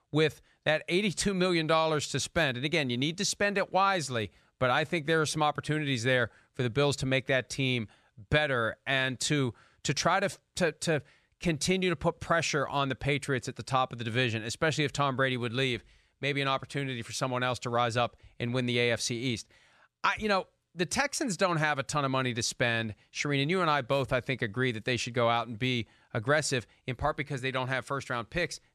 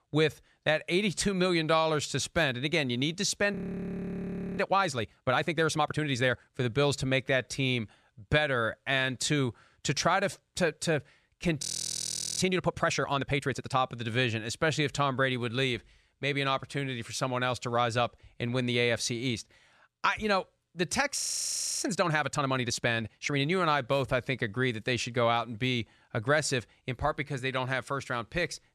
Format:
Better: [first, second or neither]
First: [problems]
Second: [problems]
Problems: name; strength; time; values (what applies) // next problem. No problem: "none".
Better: first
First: none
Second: audio freezing; at 3.5 s for 1 s, at 12 s for 1 s and at 21 s for 0.5 s